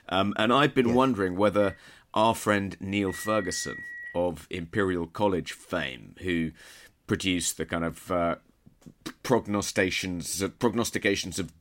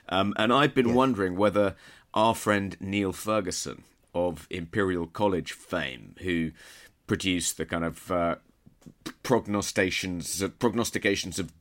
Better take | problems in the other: second | phone ringing; faint; from 1.5 to 4 s; peak 10 dB below the speech

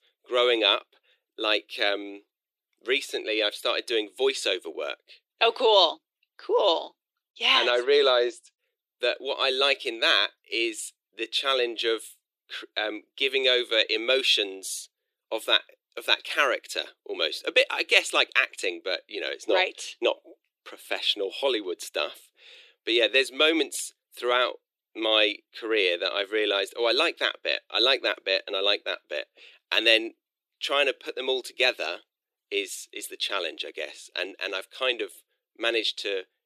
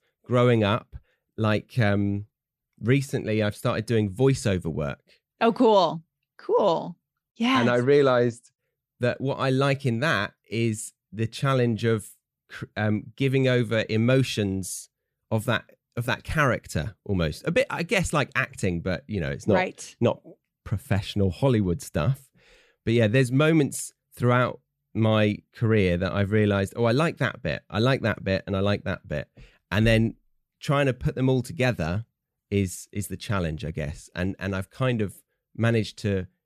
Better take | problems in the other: second | thin; very; fading below 350 Hz

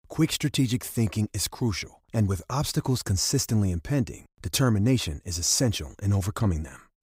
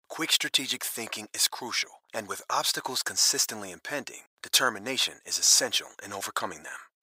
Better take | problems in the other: first | thin; very; fading below 750 Hz

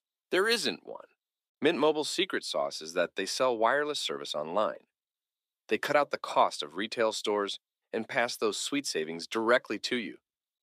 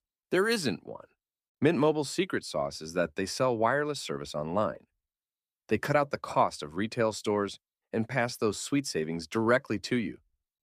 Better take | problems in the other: second | thin; very slightly; fading below 350 Hz

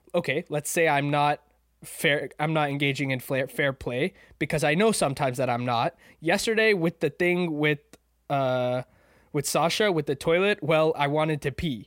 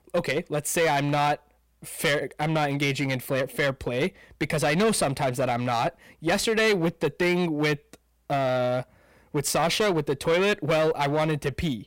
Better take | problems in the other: first | distortion; slight; 9% of the sound clipped

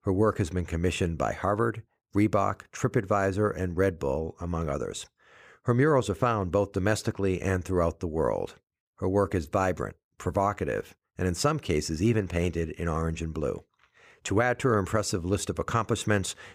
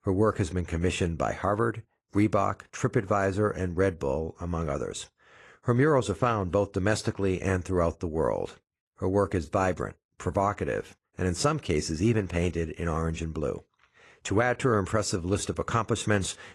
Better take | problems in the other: first | garbled, watery; slightly

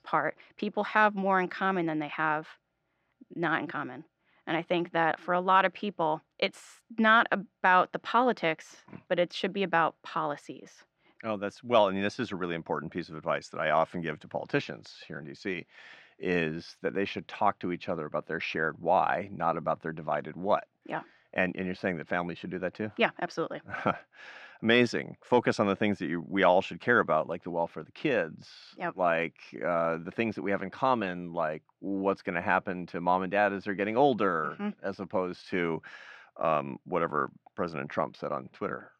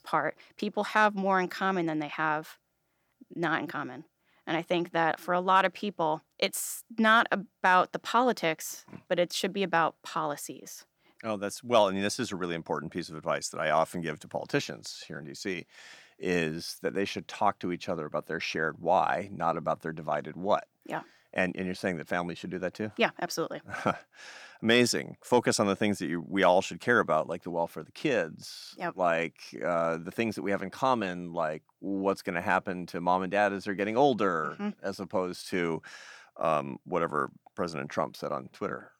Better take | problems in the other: second | muffled; slightly; fading above 3 kHz

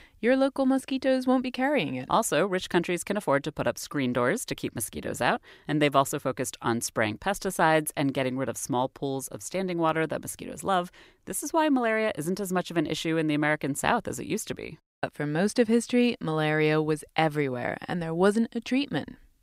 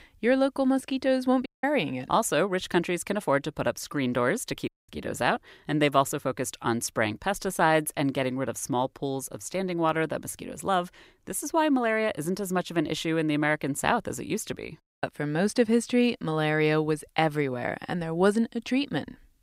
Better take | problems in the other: first | audio cutting out; at 1.5 s and at 4.5 s

